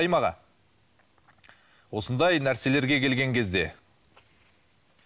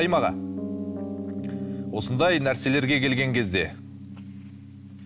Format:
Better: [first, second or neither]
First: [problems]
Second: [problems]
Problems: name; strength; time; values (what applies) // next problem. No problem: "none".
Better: first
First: none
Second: background sound (Piano); 7 dB below the speech